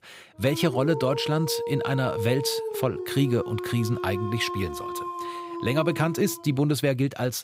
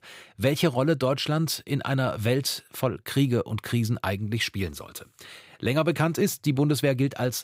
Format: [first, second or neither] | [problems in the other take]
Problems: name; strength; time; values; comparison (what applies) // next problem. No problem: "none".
second | dog barking; noticeable; until 6.5 s; peak 4 dB below the speech